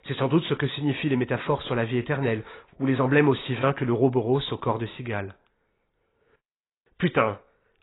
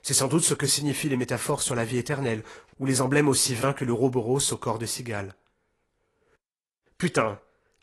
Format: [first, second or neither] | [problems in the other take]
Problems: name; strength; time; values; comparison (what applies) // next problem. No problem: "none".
second | garbled, watery; badly; nothing above 4 kHz; slightly in the second